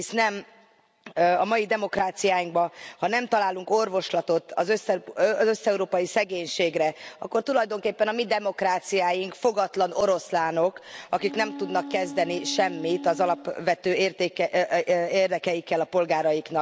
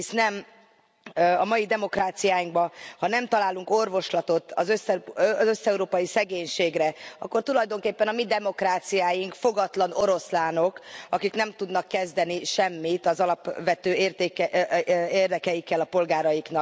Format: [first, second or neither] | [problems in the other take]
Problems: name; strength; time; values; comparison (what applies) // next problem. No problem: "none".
second | background sound (Wind instrument, woodwind instrument); 12 dB below the speech